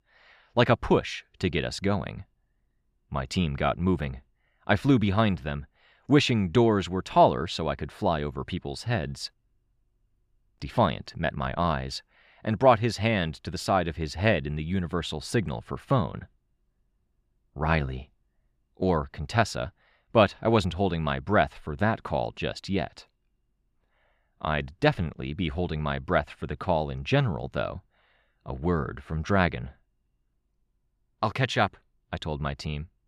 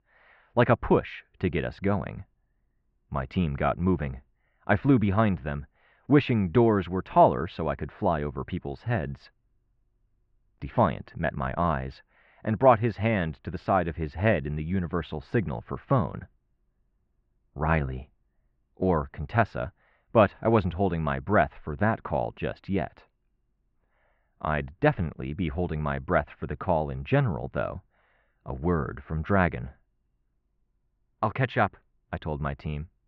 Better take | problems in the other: first | muffled; very; fading above 2 kHz

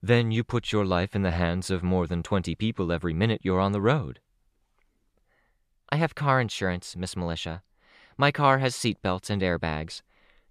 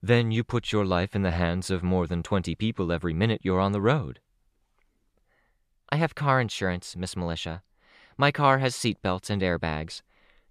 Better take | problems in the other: neither | none

